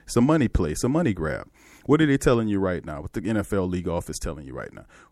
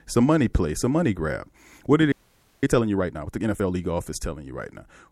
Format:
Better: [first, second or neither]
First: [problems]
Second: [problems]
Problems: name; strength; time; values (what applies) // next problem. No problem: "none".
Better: first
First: none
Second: audio freezing; at 2 s for 0.5 s